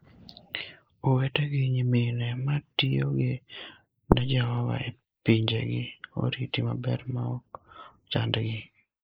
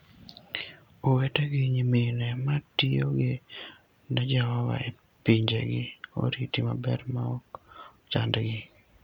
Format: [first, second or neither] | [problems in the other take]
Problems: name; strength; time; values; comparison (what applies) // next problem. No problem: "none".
second | noise reduction (neural mask model Resemble Enhance denoiser)